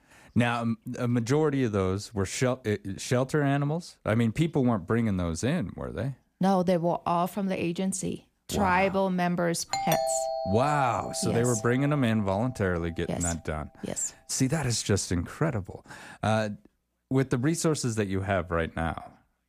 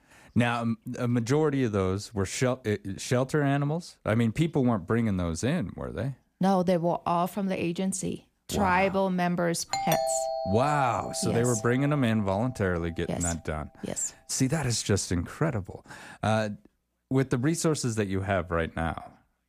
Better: neither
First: doorbell; noticeable; from 9.5 to 12 s; peak level with the speech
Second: doorbell; noticeable; from 9.5 to 12 s; peak level with the speech

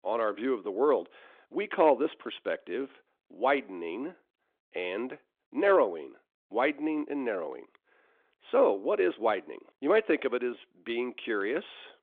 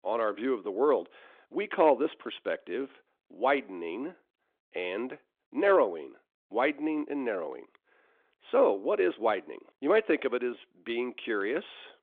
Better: neither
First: phone-call audio; nothing above 3.5 kHz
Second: phone-call audio; nothing above 3.5 kHz

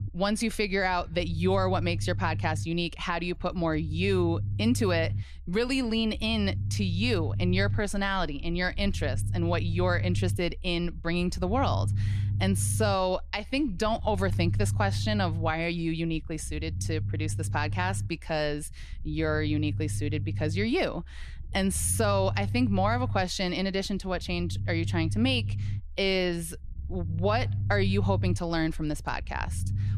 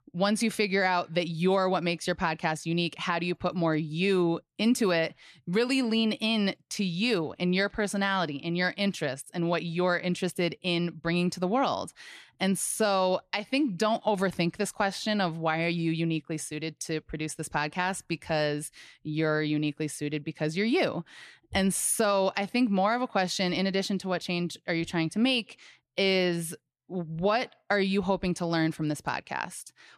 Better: second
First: low rumble; noticeable; throughout; 15 dB below the speech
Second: none

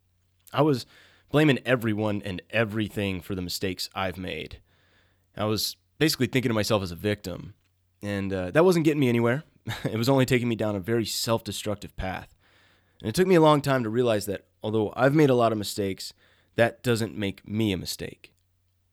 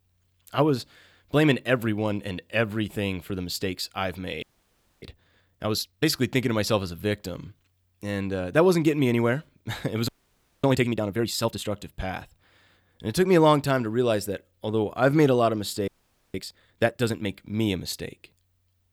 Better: first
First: none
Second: audio freezing; at 4.5 s for 0.5 s, at 10 s for 0.5 s and at 16 s

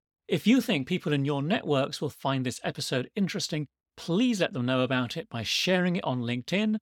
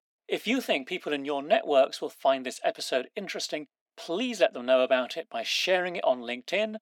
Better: first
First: none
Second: thin; very; fading below 300 Hz

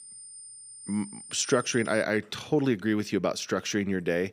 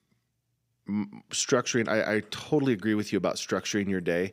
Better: second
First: high-pitched whine; noticeable; until 2 s; 9 kHz, 15 dB below the speech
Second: none

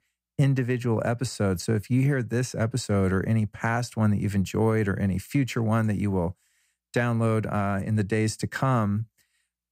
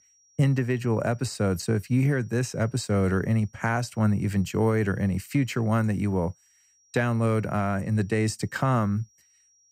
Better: first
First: none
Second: high-pitched whine; faint; throughout; 5.5 kHz, 35 dB below the speech

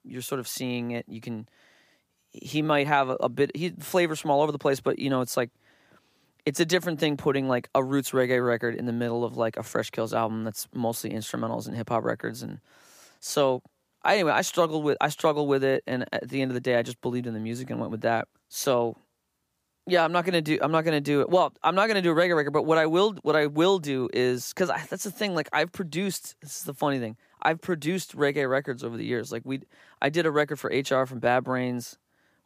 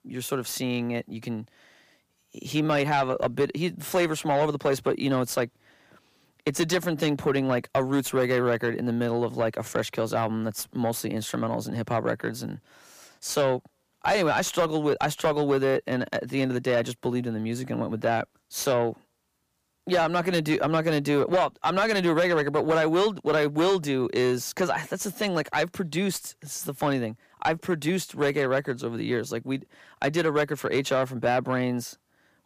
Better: first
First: none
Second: distortion; slight; 10 dB below the speech

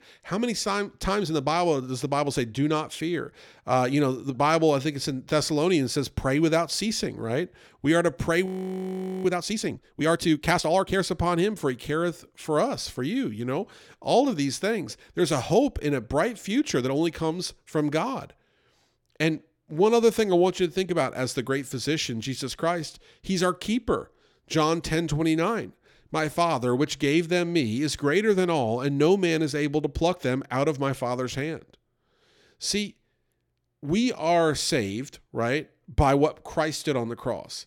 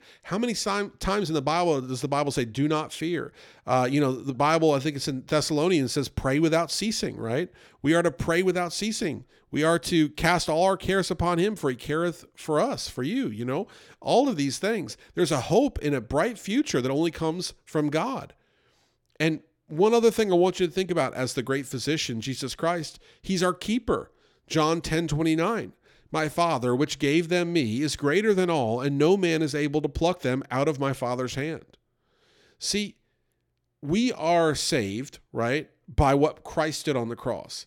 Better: second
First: audio freezing; at 8.5 s for 1 s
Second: none

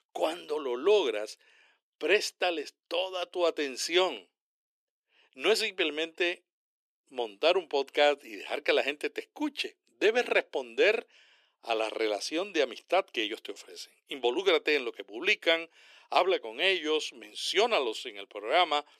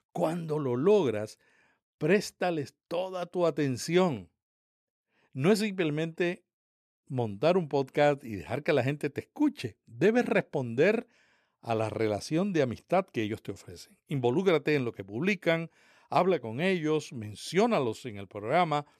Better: second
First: thin; very; fading below 350 Hz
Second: none

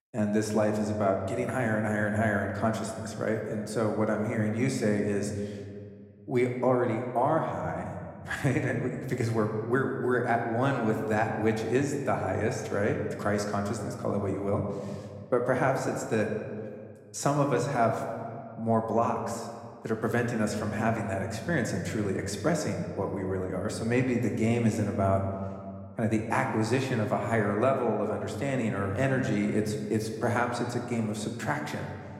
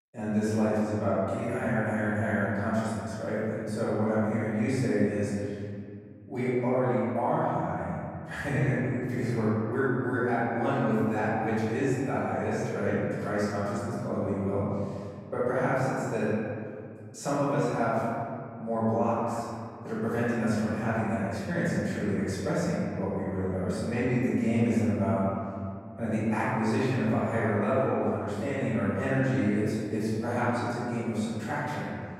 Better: first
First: room echo; slight; dies away in 1.7 s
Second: room echo; strong; dies away in 2.3 s // off-mic speech; far

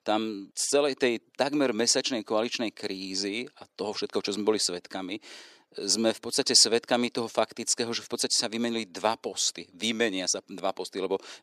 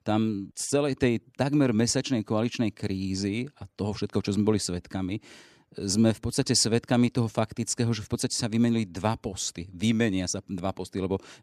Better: second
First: thin; somewhat; fading below 450 Hz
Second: none

